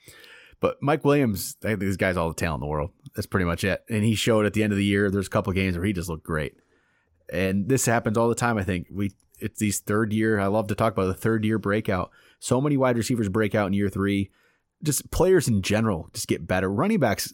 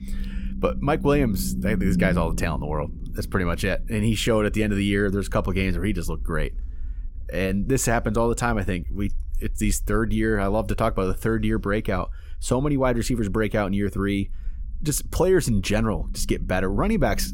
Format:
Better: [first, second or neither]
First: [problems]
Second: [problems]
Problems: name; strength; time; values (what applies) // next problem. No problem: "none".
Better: first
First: none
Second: low rumble; noticeable; throughout; 15 dB below the speech